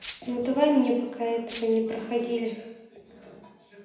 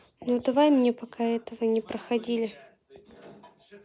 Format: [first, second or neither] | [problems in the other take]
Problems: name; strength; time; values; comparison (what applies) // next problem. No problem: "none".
second | background sound (Rattle (instrument)); 15 dB below the speech // room echo; dies away in 0.9 s